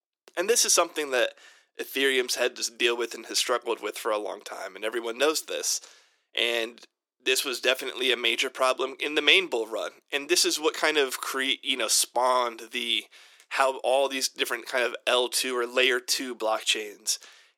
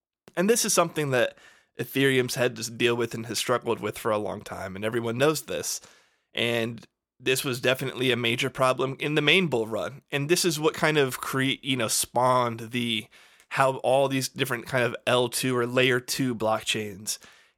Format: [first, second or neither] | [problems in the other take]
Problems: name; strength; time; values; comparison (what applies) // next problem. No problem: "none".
second | thin; somewhat; fading below 300 Hz